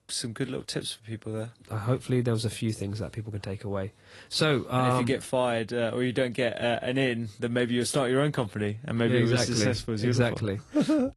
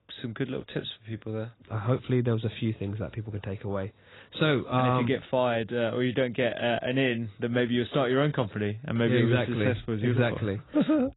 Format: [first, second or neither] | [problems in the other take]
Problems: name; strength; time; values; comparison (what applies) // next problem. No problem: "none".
first | garbled, watery; badly; nothing above 4 kHz; slightly in the first